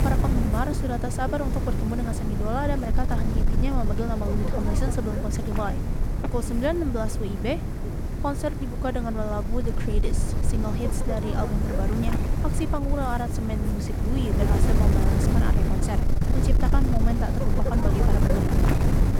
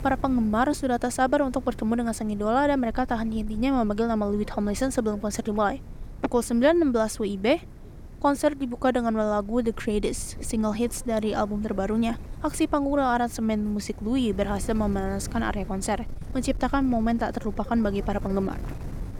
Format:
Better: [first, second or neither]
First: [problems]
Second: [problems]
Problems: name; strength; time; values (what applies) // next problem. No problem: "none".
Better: second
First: wind noise on the microphone; heavy; 2 dB below the speech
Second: wind noise on the microphone; occasional gusts; 20 dB below the speech